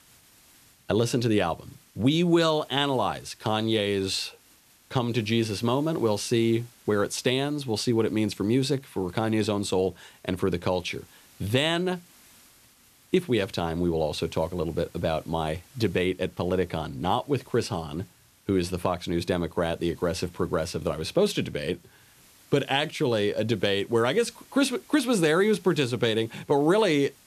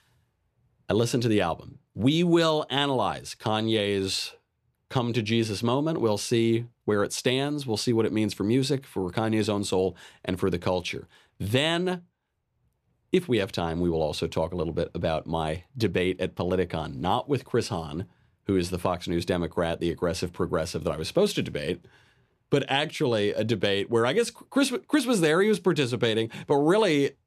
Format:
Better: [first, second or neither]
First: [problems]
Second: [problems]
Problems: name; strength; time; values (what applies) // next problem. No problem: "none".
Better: second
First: hiss; faint; throughout; 30 dB below the speech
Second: none